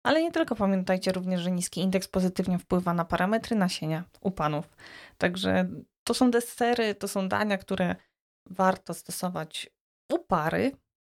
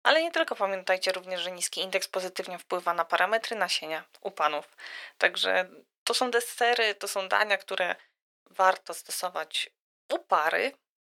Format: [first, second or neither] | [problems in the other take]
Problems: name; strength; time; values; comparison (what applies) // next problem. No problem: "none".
first | thin; very; fading below 450 Hz